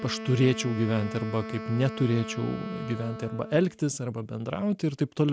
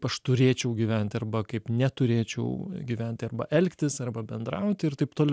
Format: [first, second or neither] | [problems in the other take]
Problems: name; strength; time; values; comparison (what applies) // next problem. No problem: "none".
second | background sound (Wind instrument, woodwind instrument); 11 dB below the speech